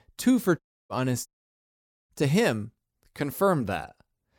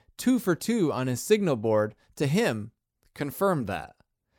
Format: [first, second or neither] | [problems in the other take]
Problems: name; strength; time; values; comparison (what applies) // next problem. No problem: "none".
second | audio cutting out; at 0.5 s and at 1.5 s for 1 s